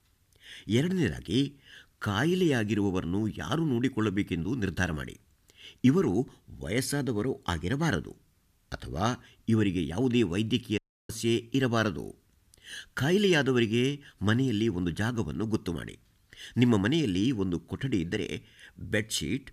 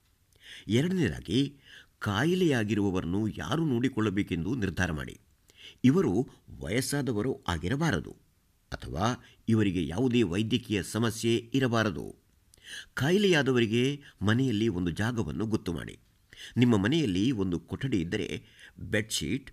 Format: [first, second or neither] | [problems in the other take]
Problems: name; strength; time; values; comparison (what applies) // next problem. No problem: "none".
second | audio cutting out; at 11 s